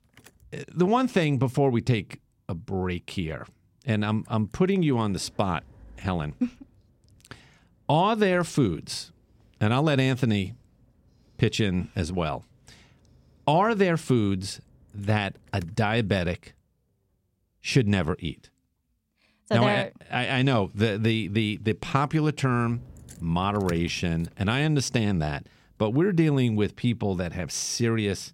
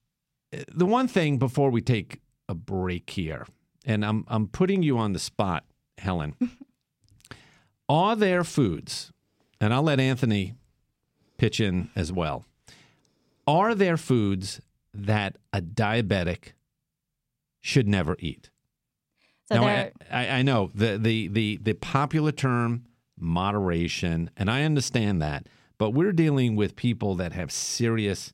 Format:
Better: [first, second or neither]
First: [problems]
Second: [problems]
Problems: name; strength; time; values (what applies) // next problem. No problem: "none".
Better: second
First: traffic noise; faint; throughout; 25 dB below the speech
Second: none